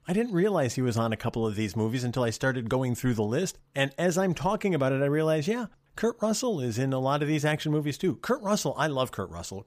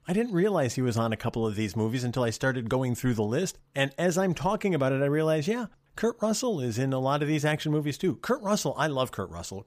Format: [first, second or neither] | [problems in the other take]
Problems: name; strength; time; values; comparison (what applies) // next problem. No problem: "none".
neither | none